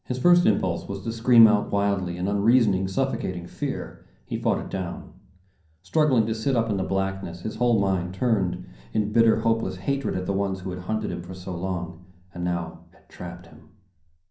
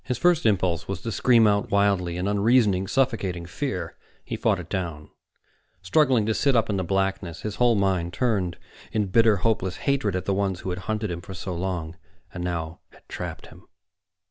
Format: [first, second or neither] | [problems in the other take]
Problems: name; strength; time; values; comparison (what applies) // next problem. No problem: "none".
second | room echo; dies away in 0.6 s